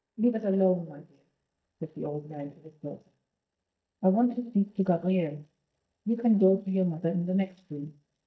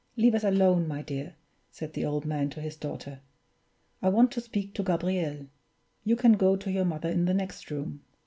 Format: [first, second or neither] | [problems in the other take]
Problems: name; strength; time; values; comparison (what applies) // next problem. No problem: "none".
second | noise reduction (neural mask model DeepFilterNet 3)